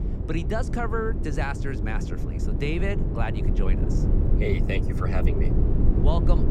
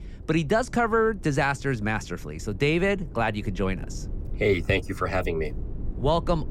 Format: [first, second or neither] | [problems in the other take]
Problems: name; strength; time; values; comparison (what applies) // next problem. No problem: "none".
second | low rumble; loud; throughout; 5 dB below the speech; faint in the second